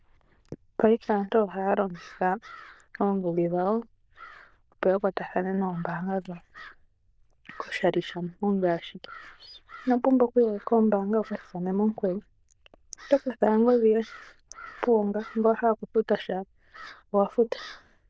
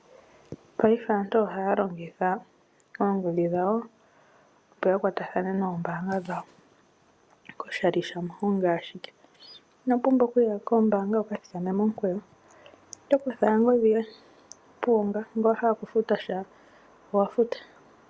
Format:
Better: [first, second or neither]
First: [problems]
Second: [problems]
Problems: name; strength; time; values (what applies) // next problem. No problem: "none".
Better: second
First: noise reduction (neural diffusion model UNIVERSE++)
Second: none